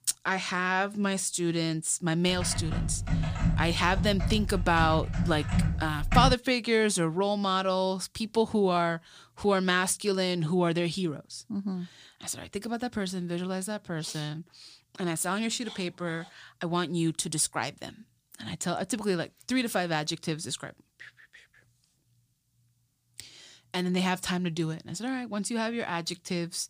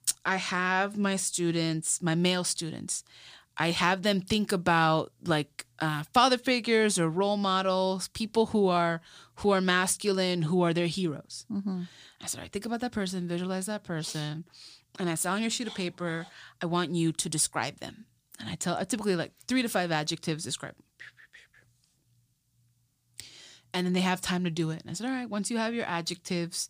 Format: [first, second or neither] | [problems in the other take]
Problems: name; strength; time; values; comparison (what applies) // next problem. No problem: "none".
second | keyboard typing; loud; from 2.5 to 6.5 s; peak 2 dB above the speech